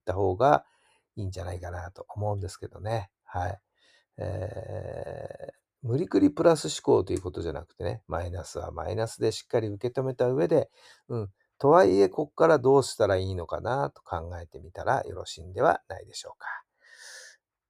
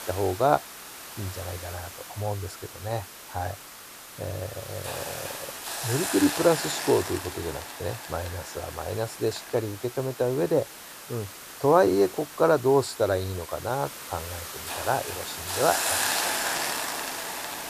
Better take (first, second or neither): first